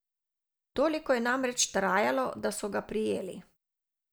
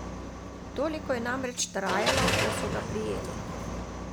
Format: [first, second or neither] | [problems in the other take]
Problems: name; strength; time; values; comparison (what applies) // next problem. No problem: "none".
first | background sound (Car); 1 dB above the speech